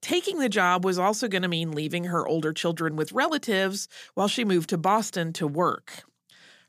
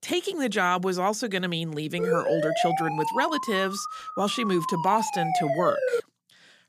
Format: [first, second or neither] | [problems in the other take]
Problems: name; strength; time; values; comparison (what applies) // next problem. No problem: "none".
first | siren; loud; from 2 to 6 s; peak 2 dB above the speech